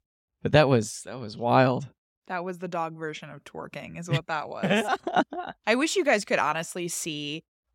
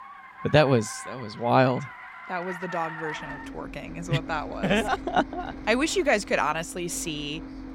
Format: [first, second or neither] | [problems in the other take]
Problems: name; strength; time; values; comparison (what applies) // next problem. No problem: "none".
first | traffic noise; noticeable; throughout; 15 dB below the speech